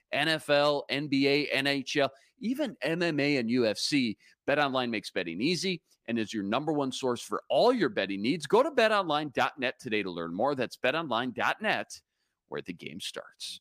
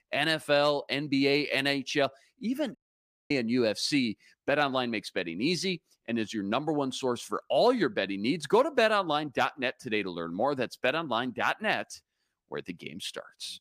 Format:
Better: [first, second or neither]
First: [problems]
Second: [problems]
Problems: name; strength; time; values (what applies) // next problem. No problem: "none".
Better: first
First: none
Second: audio cutting out; at 3 s for 0.5 s